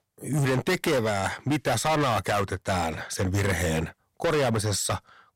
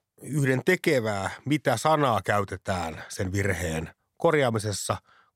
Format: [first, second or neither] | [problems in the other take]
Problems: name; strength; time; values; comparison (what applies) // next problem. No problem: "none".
second | distortion; heavy; 17% of the sound clipped